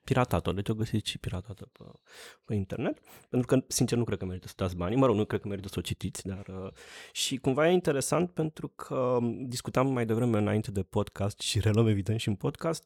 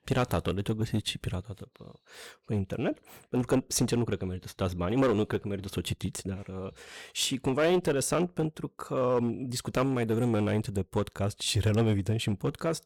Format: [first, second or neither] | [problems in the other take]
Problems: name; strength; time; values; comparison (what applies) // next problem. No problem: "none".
first | distortion; slight; 4% of the sound clipped